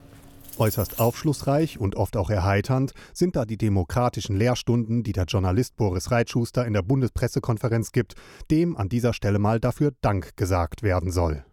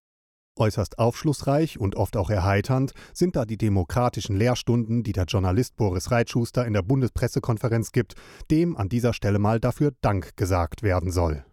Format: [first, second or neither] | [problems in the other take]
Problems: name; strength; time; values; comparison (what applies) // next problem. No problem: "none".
second | jangling keys; noticeable; until 2 s; peak 7 dB below the speech